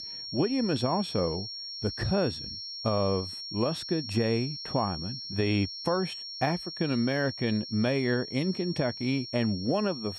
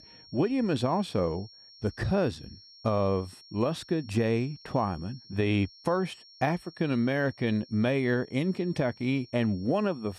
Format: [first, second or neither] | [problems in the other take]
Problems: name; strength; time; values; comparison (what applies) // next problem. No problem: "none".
second | high-pitched whine; loud; throughout; 5.5 kHz, 7 dB below the speech; faint in the second